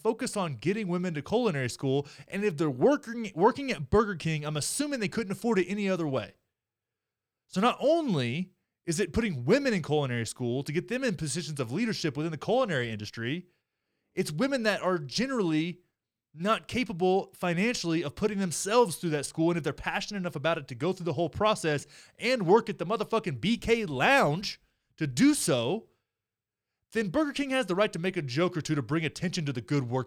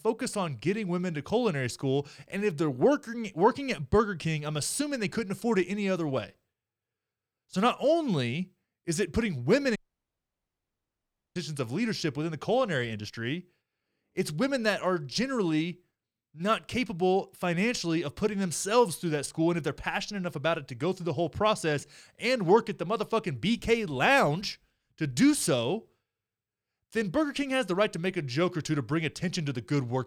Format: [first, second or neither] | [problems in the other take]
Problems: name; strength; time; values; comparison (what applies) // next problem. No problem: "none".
first | audio cutting out; at 10 s for 1.5 s